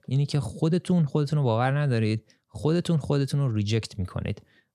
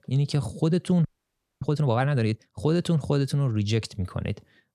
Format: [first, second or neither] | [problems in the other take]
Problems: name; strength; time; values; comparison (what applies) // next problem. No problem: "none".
first | audio freezing; at 1 s for 0.5 s